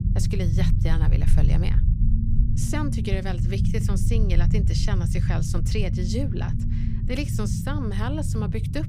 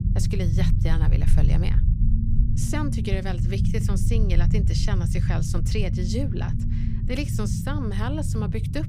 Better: neither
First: low rumble; loud; throughout; 4 dB below the speech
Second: low rumble; loud; throughout; 4 dB below the speech

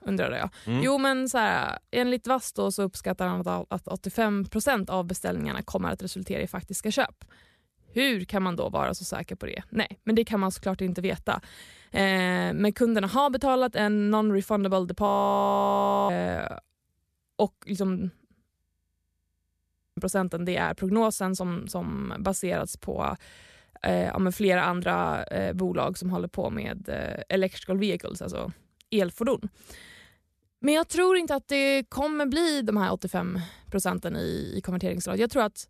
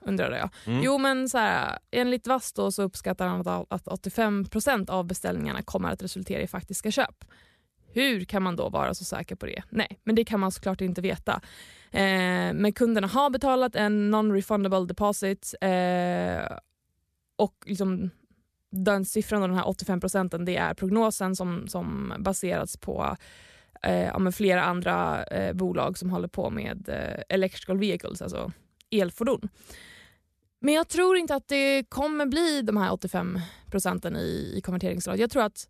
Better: second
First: audio freezing; at 15 s for 1 s and at 19 s for 1.5 s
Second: none

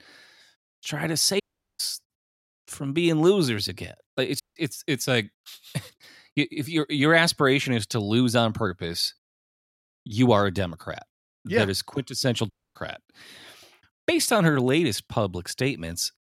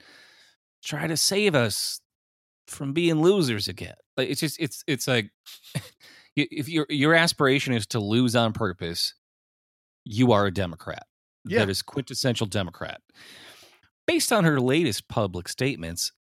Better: second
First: audio cutting out; at 1.5 s, at 4.5 s and at 13 s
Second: none

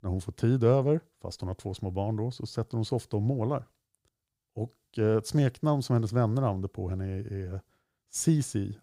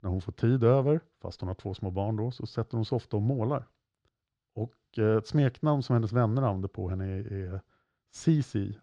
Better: first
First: none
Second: muffled; very slightly; fading above 4.5 kHz

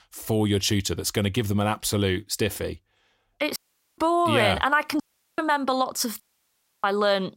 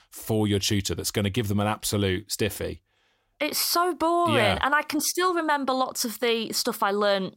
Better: second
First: audio cutting out; at 3.5 s, at 5 s and at 6 s for 0.5 s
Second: none

